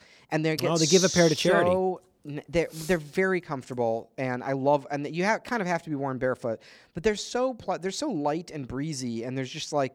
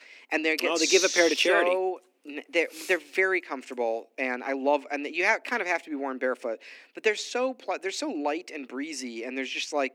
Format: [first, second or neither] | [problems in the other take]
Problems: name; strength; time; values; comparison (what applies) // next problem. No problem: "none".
first | thin; very slightly; fading below 250 Hz